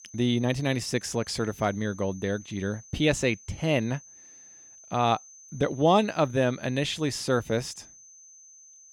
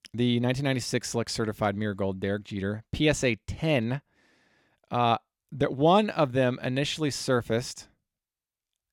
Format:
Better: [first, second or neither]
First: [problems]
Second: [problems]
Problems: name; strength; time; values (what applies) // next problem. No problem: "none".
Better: second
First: high-pitched whine; faint; throughout; 6 kHz, 20 dB below the speech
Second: none